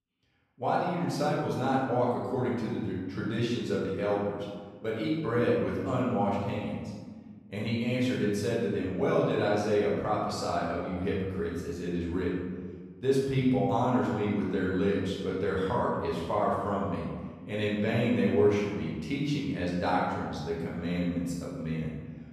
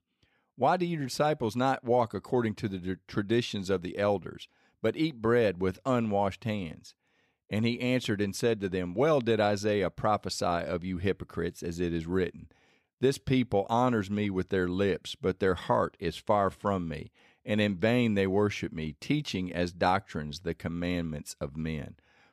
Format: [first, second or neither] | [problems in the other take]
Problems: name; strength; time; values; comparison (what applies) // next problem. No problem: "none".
second | room echo; noticeable; dies away in 1.4 s // off-mic speech; far